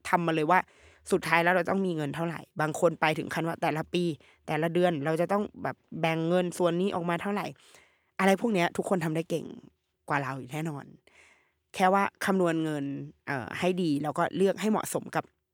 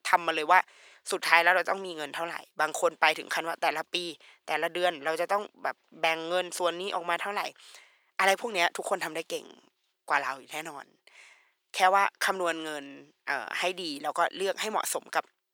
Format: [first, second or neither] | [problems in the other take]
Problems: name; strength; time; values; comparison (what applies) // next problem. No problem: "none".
first | thin; very; fading below 650 Hz